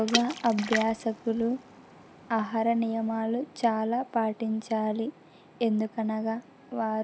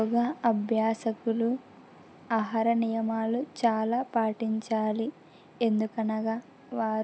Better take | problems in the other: second | background sound (Water / Splash, splatter); 9 dB below the speech

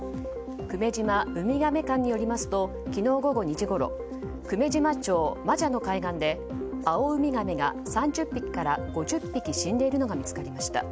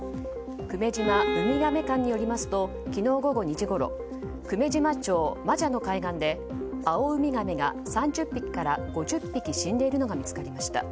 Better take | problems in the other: first | background sound (Bowed string instrument); 6 dB below the speech

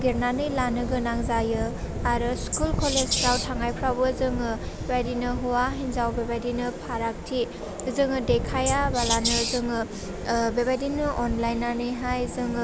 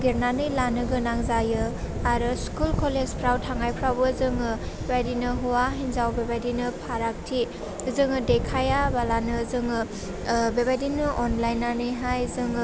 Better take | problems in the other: second | background sound (Wild animals); 3 dB below the speech

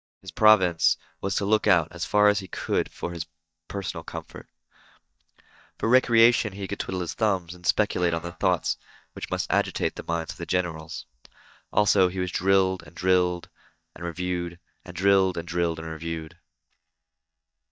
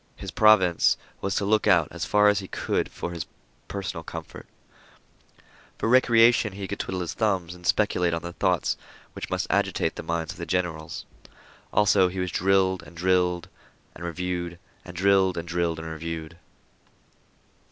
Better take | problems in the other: second | noise reduction (neural mask model DeepFilterNet 3)

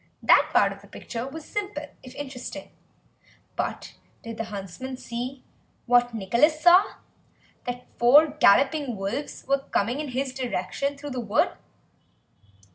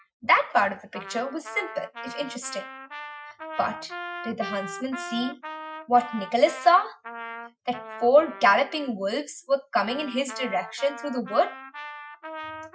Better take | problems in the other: first | noise reduction (classical method Wiener filter)

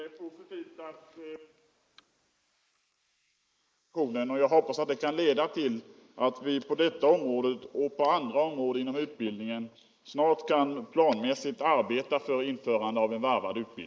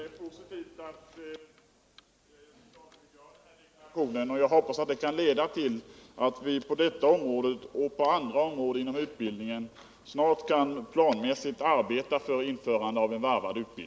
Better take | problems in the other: second | noise reduction (neural mask model Resemble Enhance denoiser)

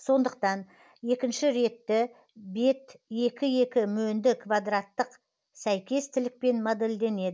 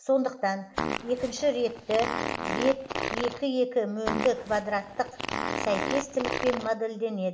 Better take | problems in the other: first | background sound (Fart); 4 dB below the speech // room echo; dies away in 1.6 s

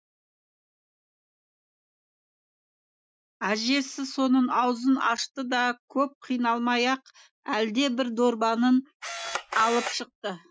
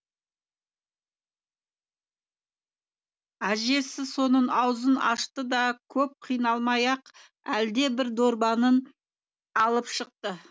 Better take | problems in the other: second | noise reduction (classical method Wiener filter)

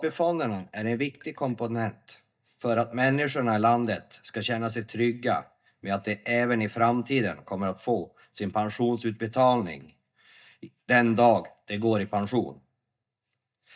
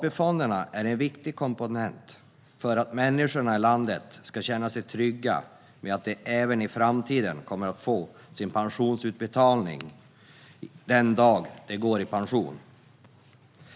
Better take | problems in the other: second | noise reduction (neural mask model DeepFilterNet 3)

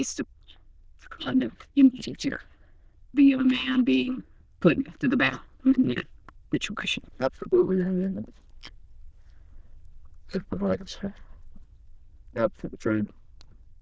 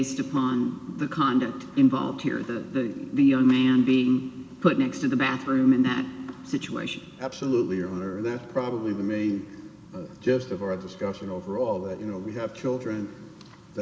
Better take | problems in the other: second | noise reduction (neural diffusion model UNIVERSE++)

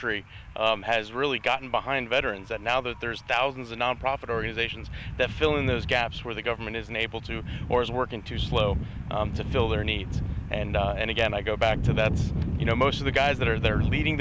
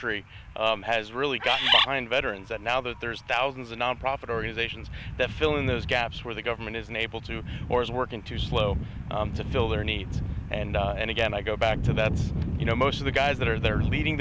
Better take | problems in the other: first | background sound (Bird); 5 dB above the speech

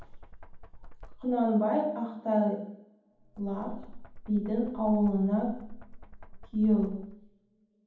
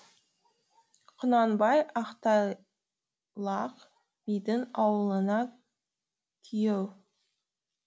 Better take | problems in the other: second | background sound (Knock); 15 dB below the speech // room echo; dies away in 0.8 s

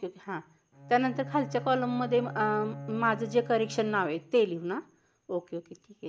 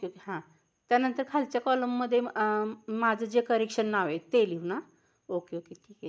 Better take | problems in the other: second | background sound (Bowed string instrument); 14 dB below the speech

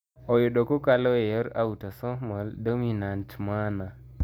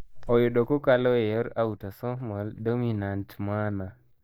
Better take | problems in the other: first | noise reduction (neural mask model DeepFilterNet 3)

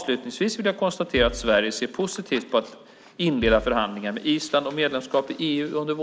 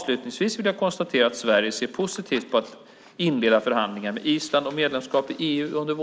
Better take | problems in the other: second | background sound (Bass drum); 15 dB below the speech

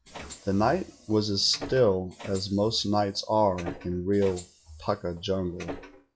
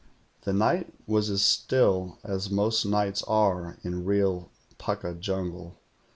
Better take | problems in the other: second | noise reduction (classical method log-MMSE)

